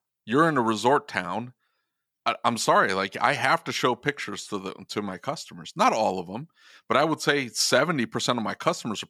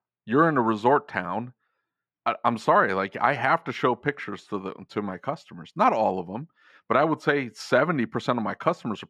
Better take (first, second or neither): first